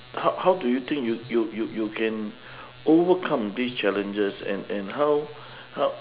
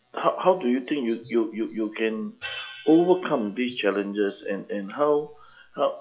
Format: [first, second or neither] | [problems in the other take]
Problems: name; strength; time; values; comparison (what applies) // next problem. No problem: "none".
first | noise reduction (classical method log-MMSE)